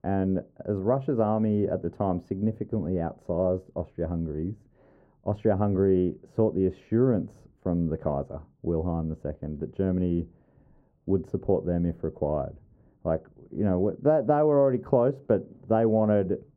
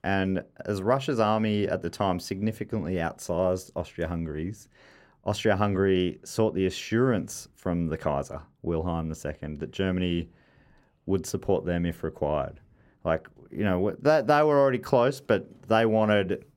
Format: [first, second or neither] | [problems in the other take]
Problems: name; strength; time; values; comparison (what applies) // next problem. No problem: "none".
second | muffled; very; fading above 1.5 kHz